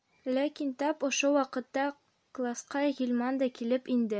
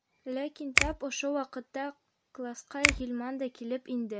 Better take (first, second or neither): first